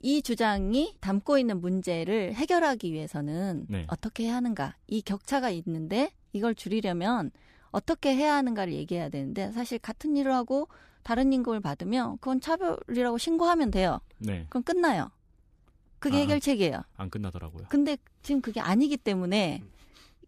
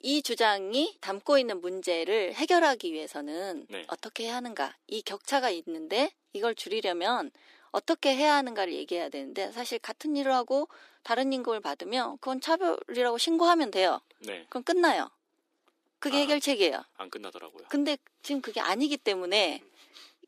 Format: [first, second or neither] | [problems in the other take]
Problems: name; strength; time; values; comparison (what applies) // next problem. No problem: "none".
first | thin; somewhat; fading below 300 Hz